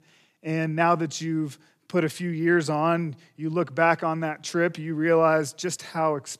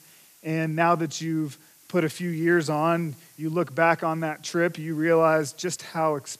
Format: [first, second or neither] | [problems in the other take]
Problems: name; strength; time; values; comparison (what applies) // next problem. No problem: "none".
first | hiss; faint; throughout; 25 dB below the speech